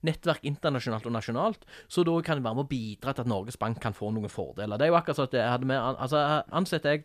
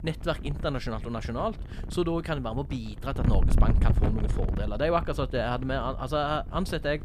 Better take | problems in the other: first | wind noise on the microphone; occasional gusts; 10 dB below the speech

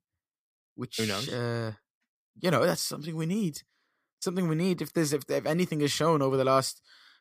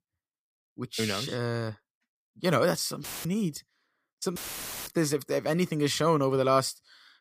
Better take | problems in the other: first | audio cutting out; filled with static; at 3 s and at 4.5 s for 0.5 s

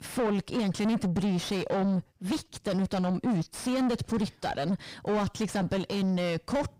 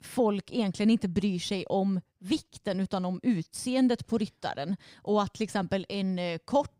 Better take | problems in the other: second | distortion; heavy; 6 dB below the speech

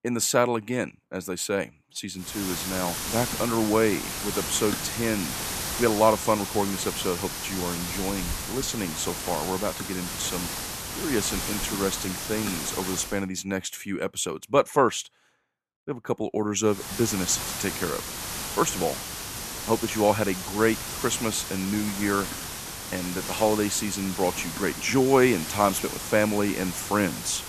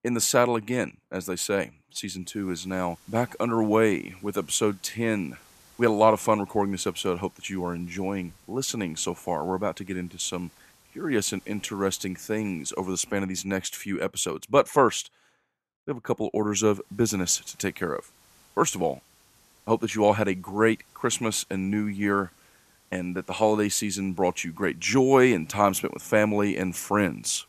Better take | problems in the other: second | hiss; loud; from 2.5 to 13 s and from 17 s on; 5 dB below the speech; faint in the second

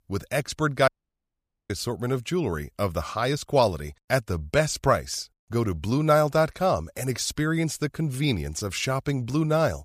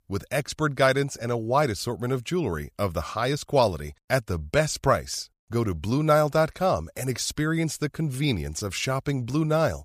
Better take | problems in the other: second | audio cutting out; at 1 s for 1 s

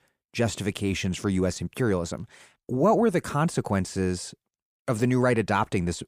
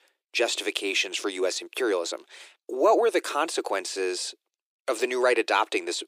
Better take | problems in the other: first | thin; very; fading below 350 Hz

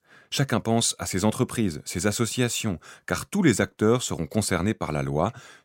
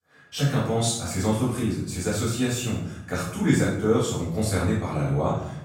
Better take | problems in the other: first | off-mic speech; far // room echo; noticeable; dies away in 0.7 s

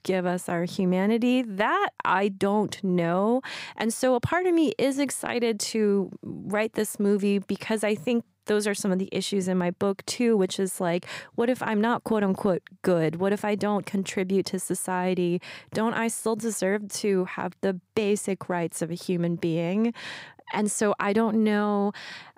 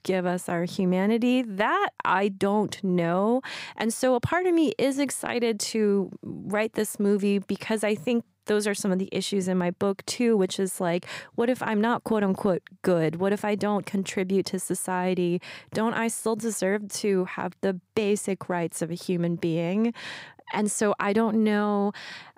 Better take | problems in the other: neither | none

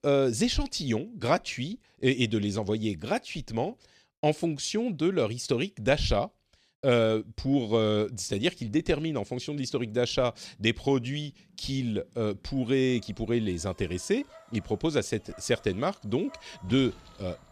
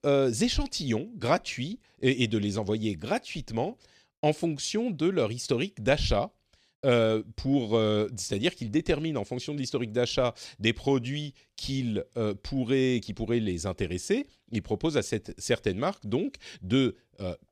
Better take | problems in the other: second | animal sounds; faint; from 8 s on; 25 dB below the speech

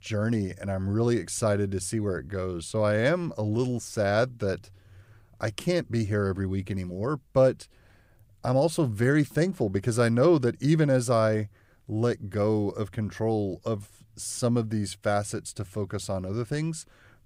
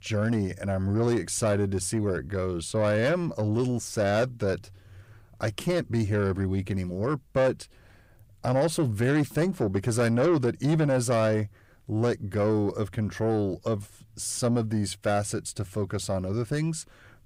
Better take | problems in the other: first | distortion; slight; 10 dB below the speech

